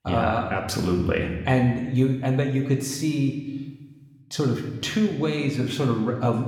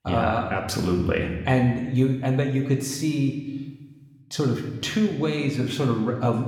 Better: neither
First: room echo; slight; dies away in 1 s // off-mic speech; somewhat distant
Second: room echo; slight; dies away in 1 s // off-mic speech; somewhat distant

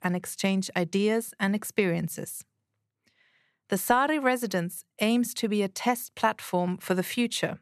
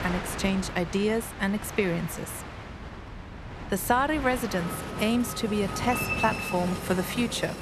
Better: first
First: none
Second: train or aircraft noise; loud; throughout; 7 dB below the speech

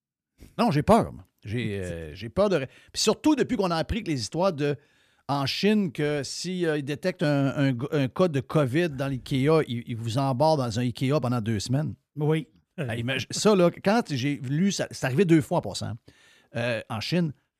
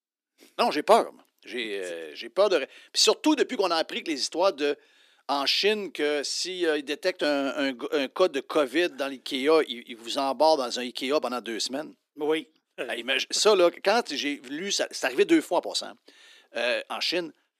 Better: first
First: none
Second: thin; somewhat; fading below 300 Hz

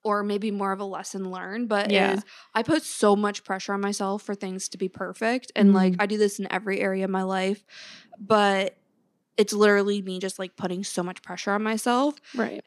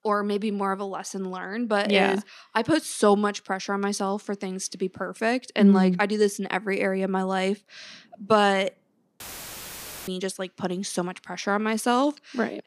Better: first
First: none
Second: audio cutting out; filled with static; at 9 s for 1 s

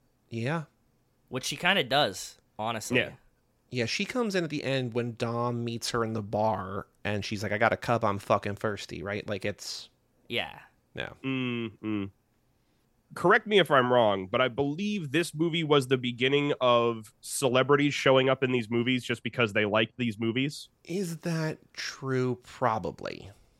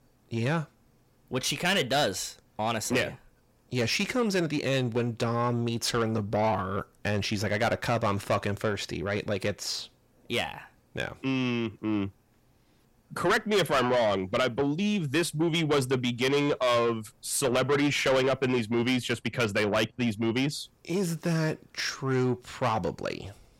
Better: first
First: none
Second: distortion; heavy; 7 dB below the speech

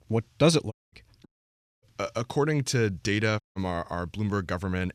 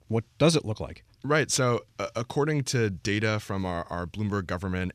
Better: second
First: audio cutting out; at 0.5 s, at 1.5 s for 0.5 s and at 3.5 s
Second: none

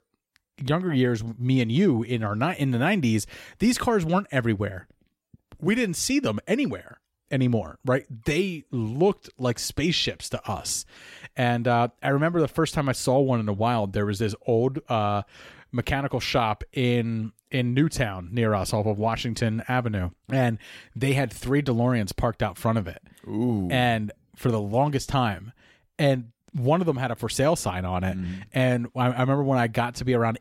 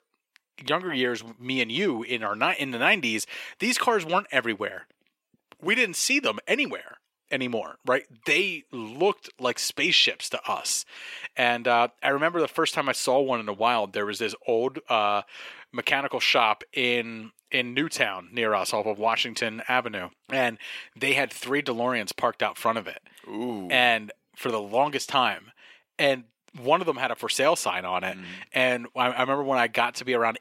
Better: first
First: none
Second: thin; somewhat; fading below 400 Hz

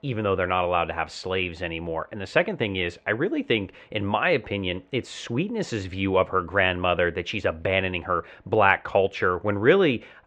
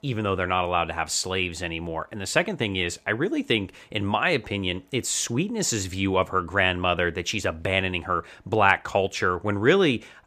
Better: second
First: muffled; slightly; fading above 2.5 kHz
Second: none

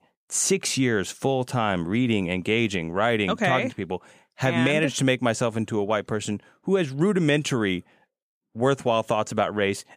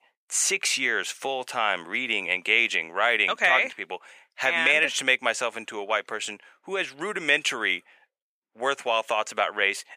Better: first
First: none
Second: thin; very; fading below 650 Hz

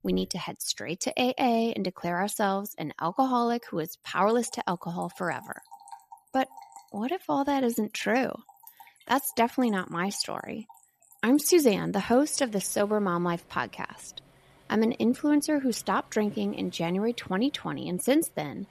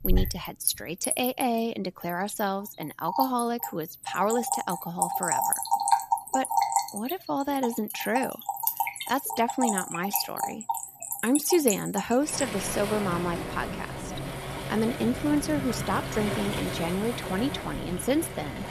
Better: first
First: rain or running water; faint; throughout; 25 dB below the speech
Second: rain or running water; loud; throughout; 2 dB below the speech

